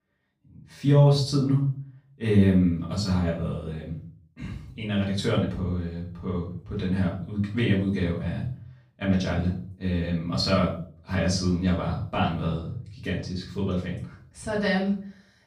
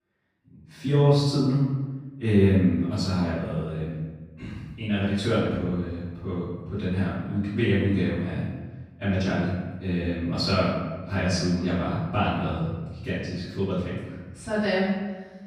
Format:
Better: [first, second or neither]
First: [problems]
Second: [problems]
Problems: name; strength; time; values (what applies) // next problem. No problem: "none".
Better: first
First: room echo; slight; dies away in 0.4 s // off-mic speech; far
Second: room echo; strong; dies away in 1.1 s // off-mic speech; far